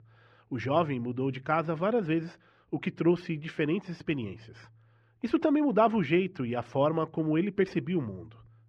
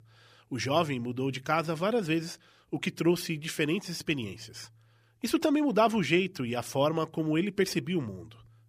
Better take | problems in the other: second | muffled; very; fading above 2 kHz

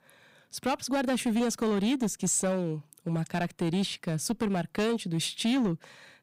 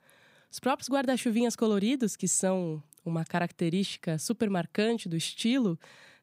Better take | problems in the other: second | distortion; slight; 11% of the sound clipped

